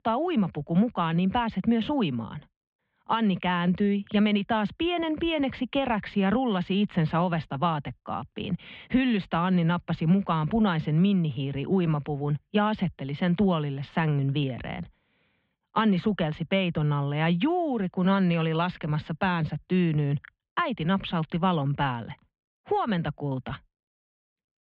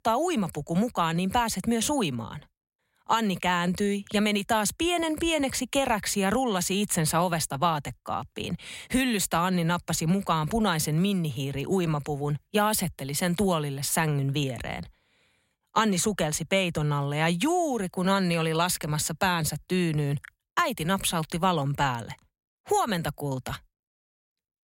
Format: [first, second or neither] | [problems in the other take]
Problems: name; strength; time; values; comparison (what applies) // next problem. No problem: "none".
second | muffled; very; fading above 3.5 kHz